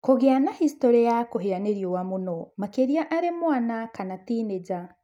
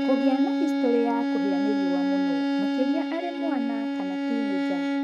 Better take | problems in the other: first | noise reduction (neural mask model RNNoise)

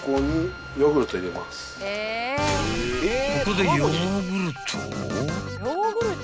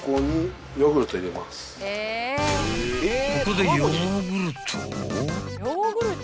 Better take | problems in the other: second | background sound (Wind instrument, woodwind instrument); 18 dB below the speech

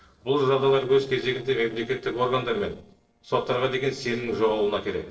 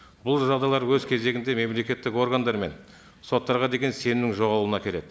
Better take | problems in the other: second | noise reduction (neural separator model SepFormer DNS4)

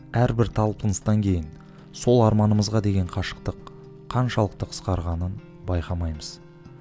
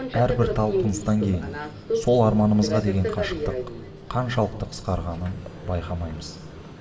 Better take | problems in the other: first | background sound (Subway, metro, underground); 7 dB below the speech // room echo; dies away in 2.9 s

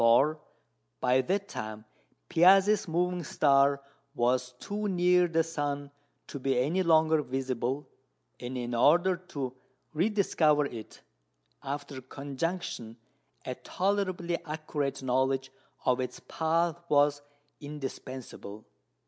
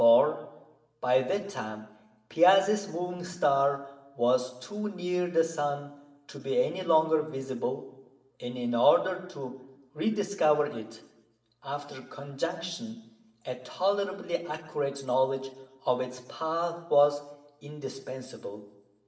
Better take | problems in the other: first | room echo; dies away in 0.7 s

